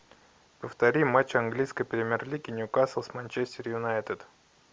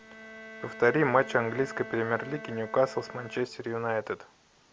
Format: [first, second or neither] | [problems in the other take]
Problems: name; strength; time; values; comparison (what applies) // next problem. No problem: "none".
first | background sound (Bowed string instrument); 15 dB below the speech